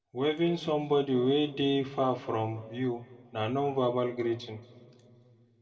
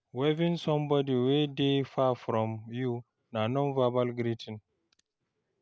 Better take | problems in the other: second | room echo; dies away in 1.5 s

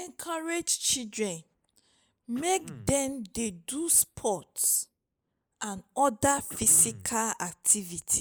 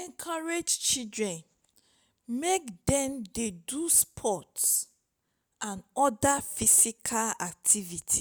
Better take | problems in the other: second | noise reduction (neural mask model Resemble Enhance denoiser)

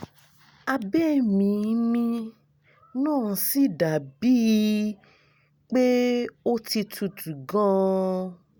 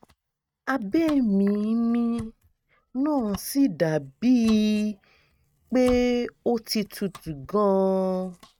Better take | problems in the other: first | noise reduction (neural mask model RNNoise)

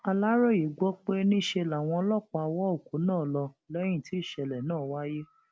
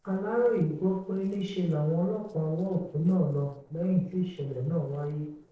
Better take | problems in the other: first | noise reduction (neural separator model SepFormer DNS4)

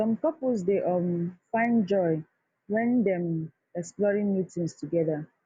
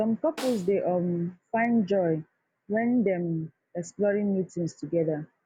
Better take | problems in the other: first | background sound (Snare drum); 18 dB below the speech

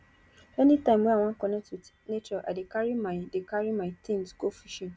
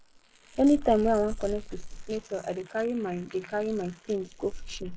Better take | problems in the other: first | noise reduction (neural mask model Resemble Enhance denoiser)

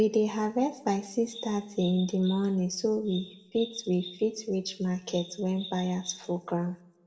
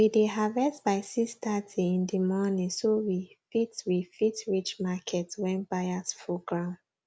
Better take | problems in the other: second | background sound (Bird vocalization, bird call, bird song); 17 dB below the speech // room echo; dies away in 0.6 s

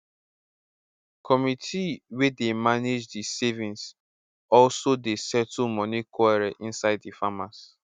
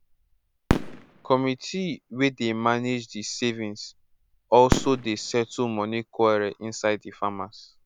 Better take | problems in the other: first | background sound (Fireworks); 8 dB below the speech

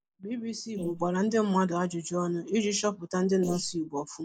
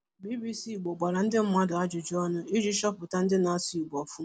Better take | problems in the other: second | noise reduction (neural mask model Resemble Enhance denoiser)

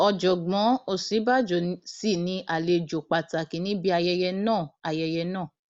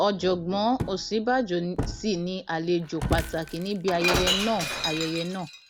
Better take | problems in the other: first | background sound (Shatter); 5 dB below the speech

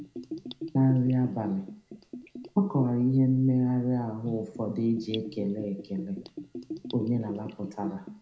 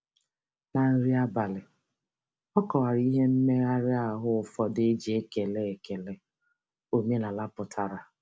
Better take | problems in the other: second | background sound (Bathtub (filling or washing) / Gurgling); 13 dB below the speech // room echo; dies away in 0.4 s

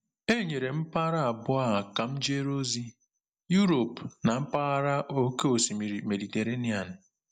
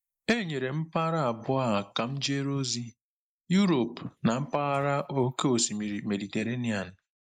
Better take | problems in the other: first | noise reduction (neural mask model Resemble Enhance denoiser)

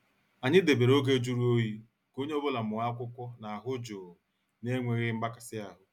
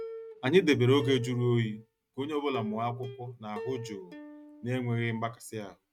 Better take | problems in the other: first | noise reduction (neural mask model RNNoise)

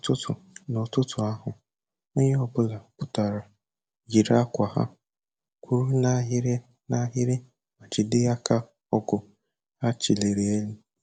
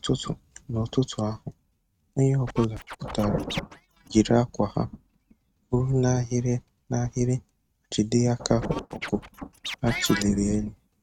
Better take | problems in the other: first | noise reduction (neural mask model RNNoise)

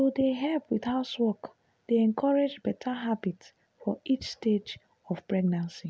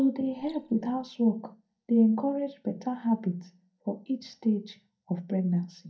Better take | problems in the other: first | noise reduction (neural mask model DeepFilterNet 3)

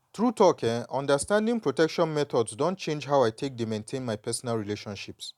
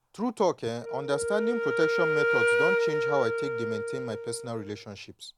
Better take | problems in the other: first | background sound (Wind instrument, woodwind instrument); 2 dB above the speech

